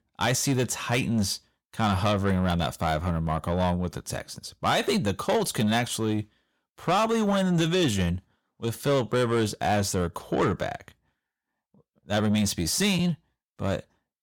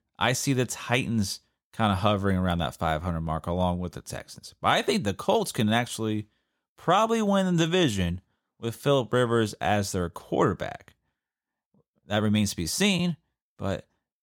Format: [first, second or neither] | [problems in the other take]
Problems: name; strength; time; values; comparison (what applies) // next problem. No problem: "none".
second | distortion; slight; 10 dB below the speech